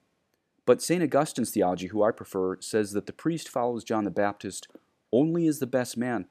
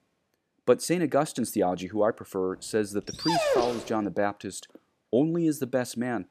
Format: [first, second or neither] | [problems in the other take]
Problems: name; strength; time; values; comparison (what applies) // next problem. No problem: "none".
first | dog barking; loud; at 3 s; peak 3 dB above the speech